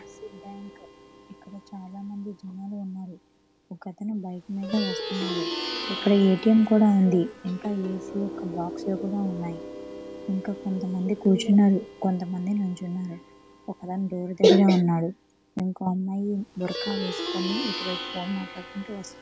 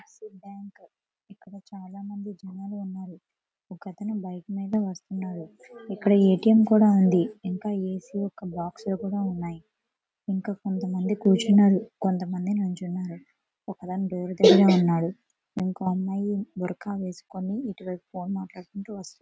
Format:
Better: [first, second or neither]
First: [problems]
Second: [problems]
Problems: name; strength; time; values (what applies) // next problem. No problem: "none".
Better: second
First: background sound (Plucked string instrument); 12 dB below the speech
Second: none